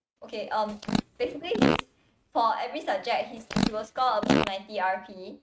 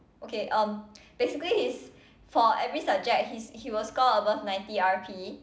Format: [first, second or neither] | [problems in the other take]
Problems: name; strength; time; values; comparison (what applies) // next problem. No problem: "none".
second | noise reduction (neural mask model RNNoise)